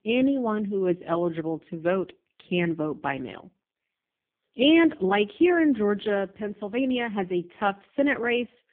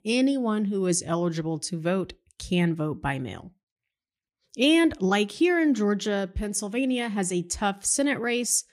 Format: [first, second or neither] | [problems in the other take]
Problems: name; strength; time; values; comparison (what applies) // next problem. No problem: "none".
second | phone-call audio; poor line; nothing above 3.5 kHz